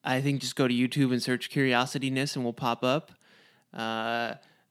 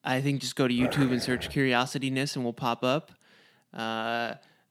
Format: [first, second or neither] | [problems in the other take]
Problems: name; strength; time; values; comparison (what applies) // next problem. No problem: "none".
first | dog barking; noticeable; at 1 s; peak 5 dB below the speech